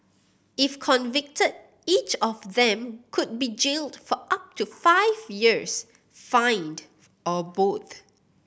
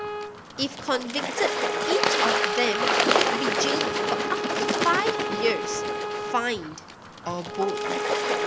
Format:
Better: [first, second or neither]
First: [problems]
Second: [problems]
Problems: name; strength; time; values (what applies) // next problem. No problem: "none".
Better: first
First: none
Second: background sound (Water / Bird + Bowed string instrument); 4 dB above the speech